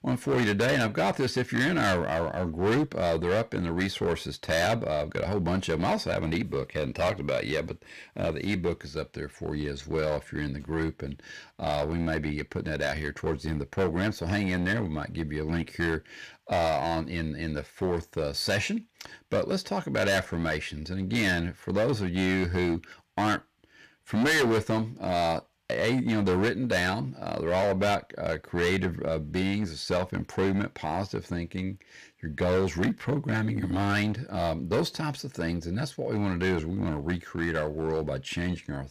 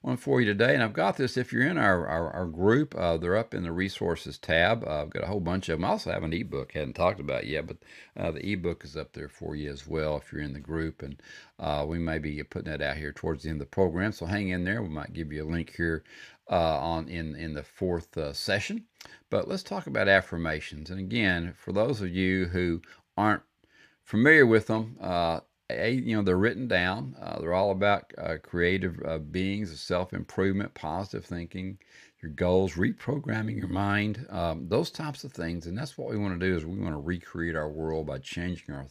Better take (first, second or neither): second